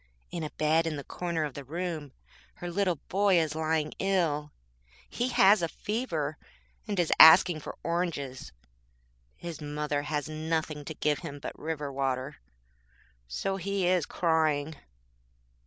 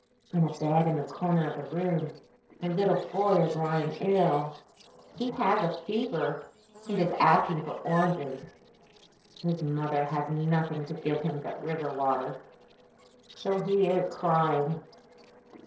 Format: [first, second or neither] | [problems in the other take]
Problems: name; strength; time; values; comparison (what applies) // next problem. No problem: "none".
first | noise reduction (neural separator model SepFormer DNS4)